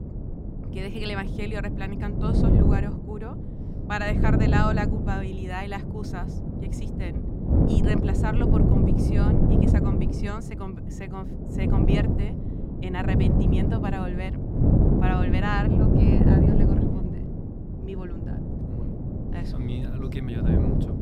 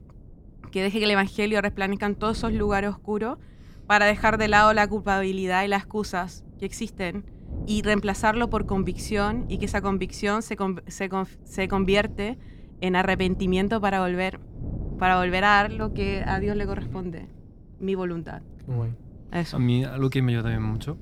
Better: second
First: wind noise on the microphone; heavy; 2 dB above the speech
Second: wind noise on the microphone; occasional gusts; 25 dB below the speech

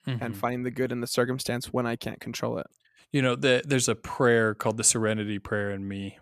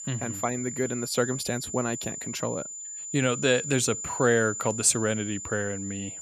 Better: first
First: none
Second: high-pitched whine; loud; throughout; 7 kHz, 7 dB below the speech

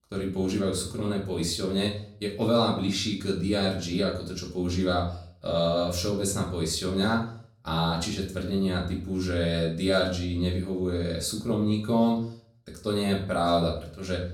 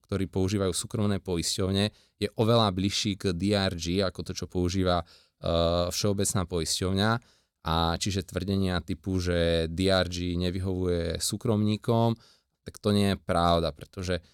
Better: second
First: off-mic speech; far // room echo; slight; dies away in 0.4 s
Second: none

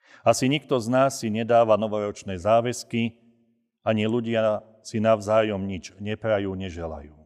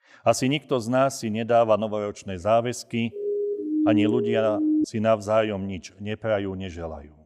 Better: first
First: none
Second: siren; loud; from 3 to 5 s; peak 3 dB above the speech

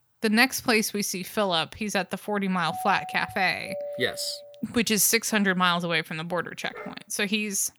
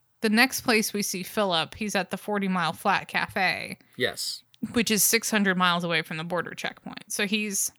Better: second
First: doorbell; noticeable; from 2.5 to 4.5 s; peak 10 dB below the speech // dog barking; faint; at 6.5 s; peak 15 dB below the speech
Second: none

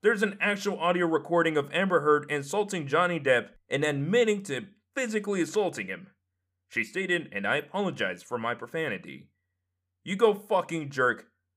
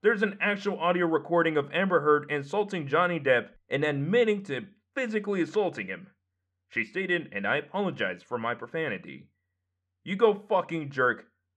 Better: first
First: none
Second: muffled; slightly; fading above 3.5 kHz

